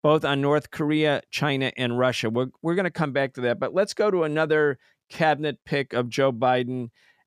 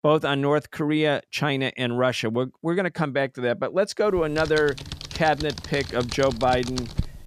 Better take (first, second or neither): first